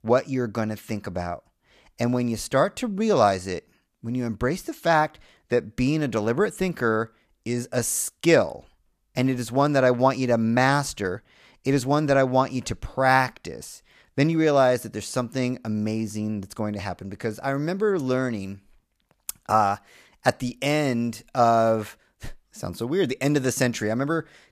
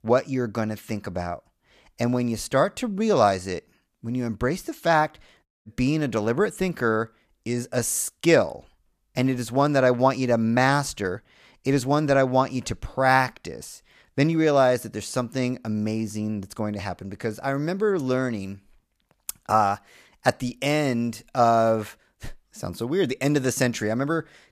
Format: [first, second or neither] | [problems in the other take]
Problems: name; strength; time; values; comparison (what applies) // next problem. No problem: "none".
first | audio cutting out; at 5.5 s